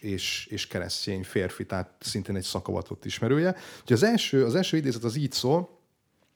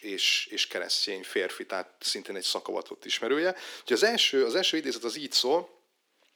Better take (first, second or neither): first